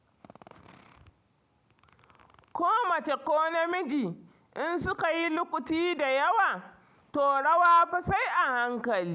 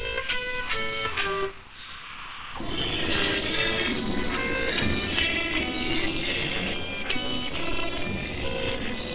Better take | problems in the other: first | noise reduction (neural separator model SepFormer WHAMR!)

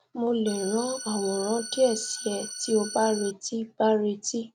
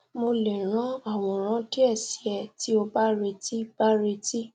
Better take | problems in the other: second | background sound (Organ); 10 dB below the speech

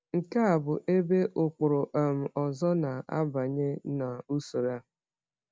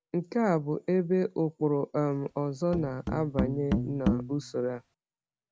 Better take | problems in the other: first | background sound (Musical instrument); 3 dB below the speech

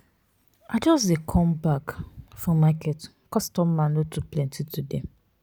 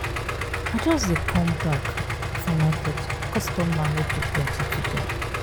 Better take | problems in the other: first | background sound (Idling); as loud as the speech

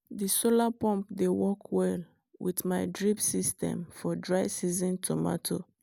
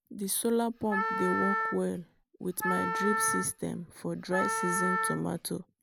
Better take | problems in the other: first | background sound (Wind instrument, woodwind instrument); as loud as the speech

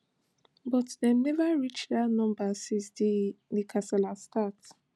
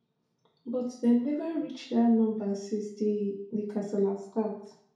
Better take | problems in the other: first | room echo; dies away in 0.6 s

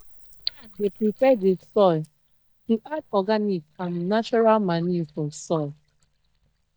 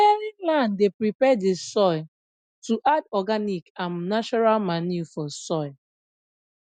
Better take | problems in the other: second | noise reduction (neural mask model DeepFilterNet 3)

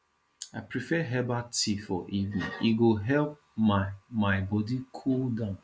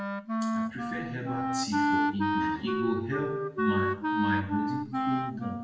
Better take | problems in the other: first | background sound (Wind instrument, woodwind instrument); 4 dB above the speech // room echo; dies away in 0.7 s

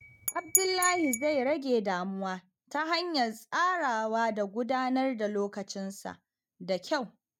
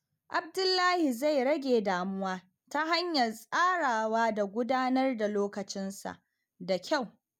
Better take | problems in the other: second | noise reduction (neural mask model RNNoise)

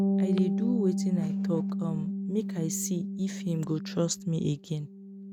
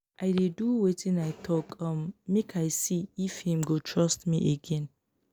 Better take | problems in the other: second | noise reduction (neural mask model RNNoise)

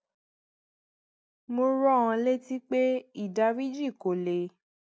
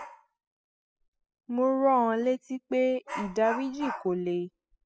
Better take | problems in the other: first | noise reduction (classical method spectral subtraction)

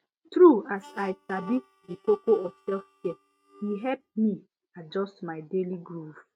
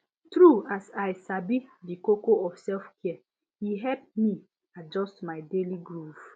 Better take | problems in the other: second | noise reduction (neural mask model RNNoise)

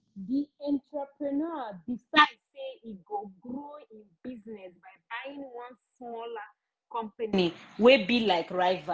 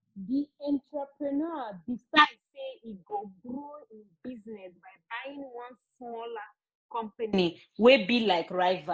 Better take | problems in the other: first | noise reduction (neural mask model Resemble Enhance denoiser)

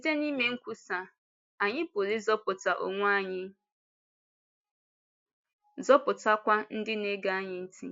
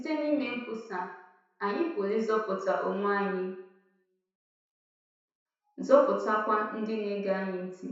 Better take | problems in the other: first | room echo; dies away in 0.7 s

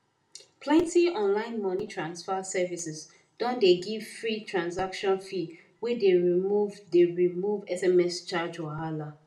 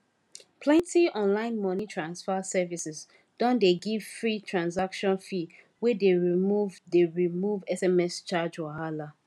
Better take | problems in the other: second | room echo; dies away in 0.4 s

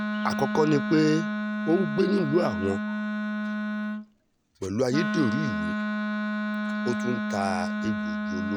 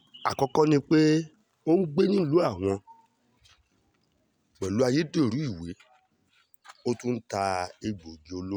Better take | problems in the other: second | background sound (Wind instrument, woodwind instrument); 1 dB below the speech

